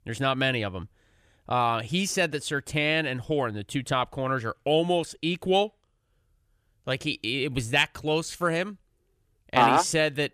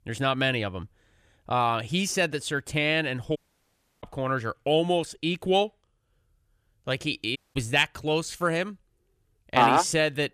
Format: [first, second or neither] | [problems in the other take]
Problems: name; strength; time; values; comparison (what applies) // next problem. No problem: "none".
first | audio cutting out; at 3.5 s for 0.5 s and at 7.5 s